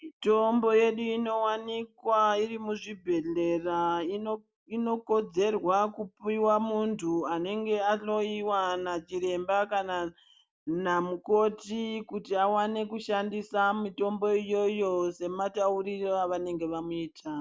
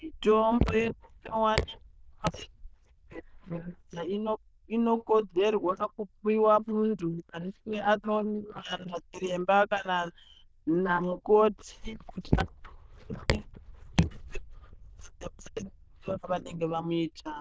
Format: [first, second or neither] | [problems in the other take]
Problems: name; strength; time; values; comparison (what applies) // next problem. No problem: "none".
first | noise reduction (neural diffusion model UNIVERSE++)